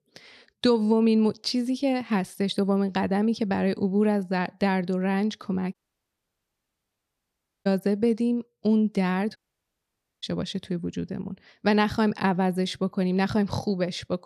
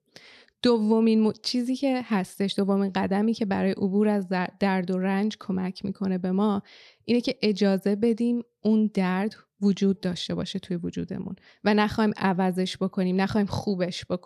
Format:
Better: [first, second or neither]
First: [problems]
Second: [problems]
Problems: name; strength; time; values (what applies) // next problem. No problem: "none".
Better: second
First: audio cutting out; at 5.5 s for 2 s and at 9.5 s for 1 s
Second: none